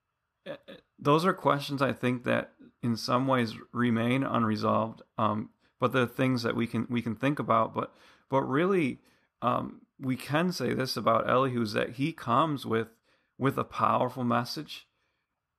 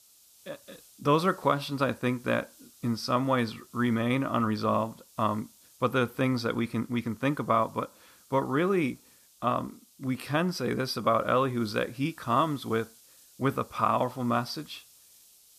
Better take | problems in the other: first | hiss; faint; throughout; 25 dB below the speech

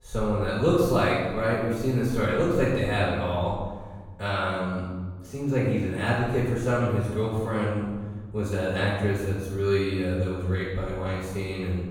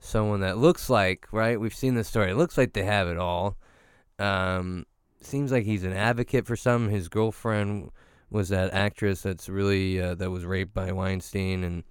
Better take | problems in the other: second | room echo; noticeable; dies away in 1.3 s // off-mic speech; far

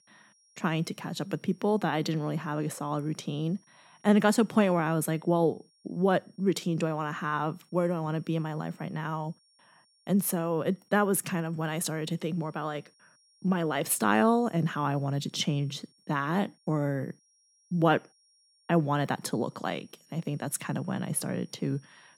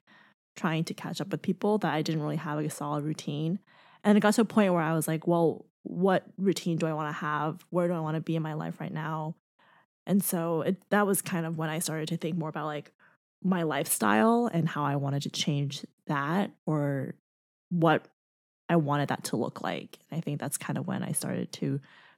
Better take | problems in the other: second | high-pitched whine; faint; throughout; 5.5 kHz, 35 dB below the speech

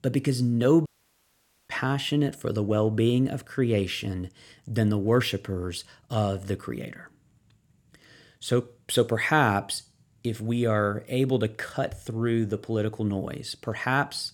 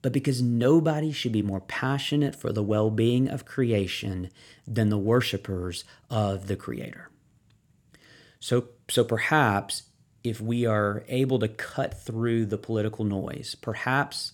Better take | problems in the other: second | audio cutting out; at 1 s for 1 s

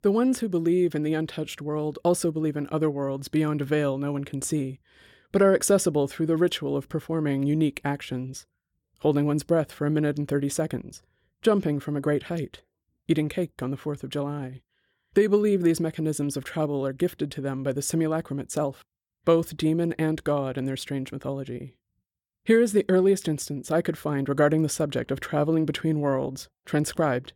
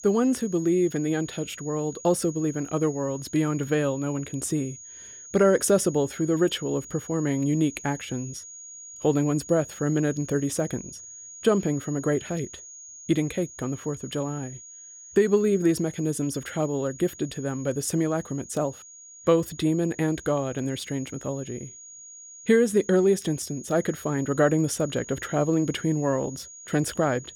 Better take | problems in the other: first | high-pitched whine; noticeable; throughout; 6.5 kHz, 15 dB below the speech

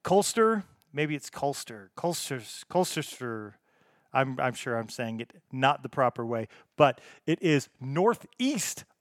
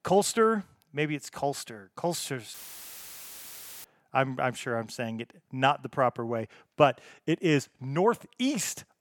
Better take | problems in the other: first | audio cutting out; filled with static; at 2.5 s for 1.5 s

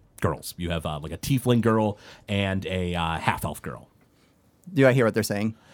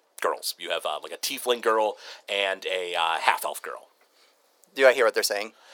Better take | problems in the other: first | thin; very; fading below 450 Hz

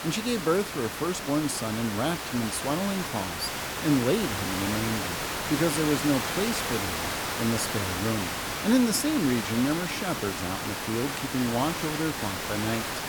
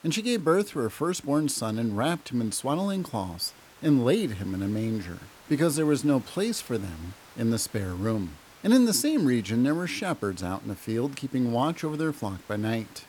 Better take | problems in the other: second | hiss; loud; throughout; 2 dB below the speech; faint in the second

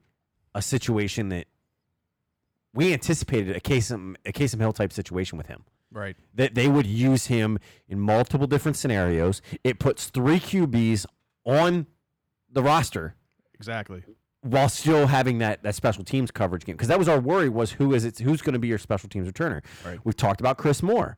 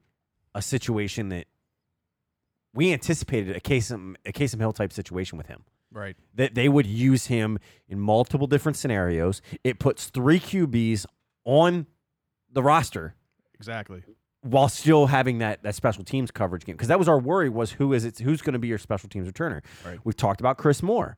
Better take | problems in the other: second | distortion; slight; 5% of the sound clipped

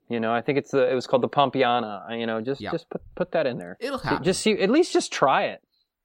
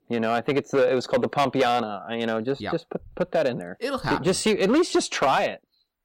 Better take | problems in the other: first | distortion; slight; 5% of the sound clipped

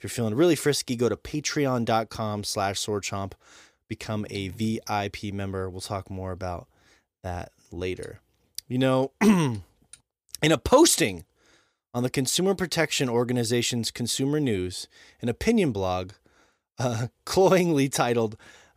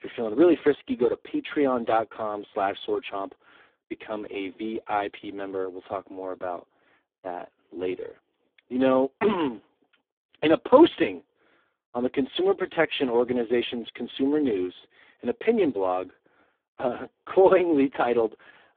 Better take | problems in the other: first | phone-call audio; poor line; nothing above 3.5 kHz

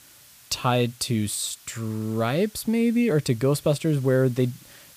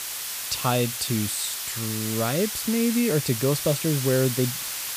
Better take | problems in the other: first | hiss; loud; throughout; 3 dB below the speech; faint in the first

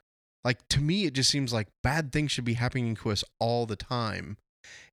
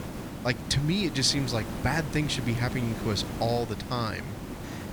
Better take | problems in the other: first | hiss; loud; throughout; 8 dB below the speech

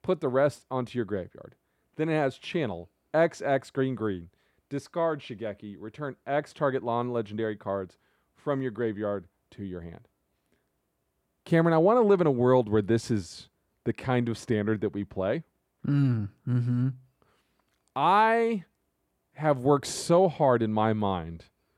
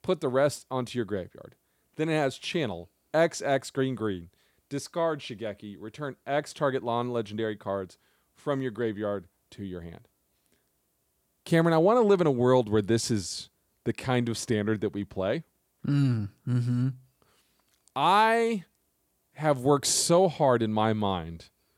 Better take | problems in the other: second | muffled; slightly; fading above 3 kHz

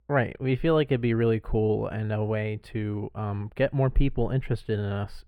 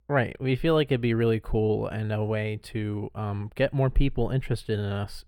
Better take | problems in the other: second | muffled; very slightly; fading above 3.5 kHz

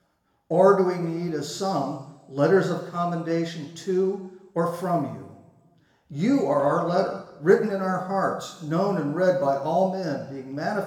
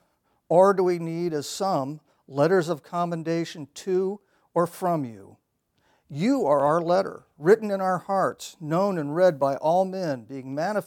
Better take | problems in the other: second | room echo; slight; dies away in 1 s // off-mic speech; somewhat distant

